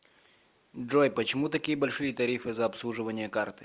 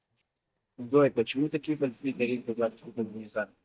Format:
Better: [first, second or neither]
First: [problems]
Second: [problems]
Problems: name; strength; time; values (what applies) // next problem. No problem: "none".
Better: first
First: none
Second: noise reduction (neural mask model DeepFilterNet 3)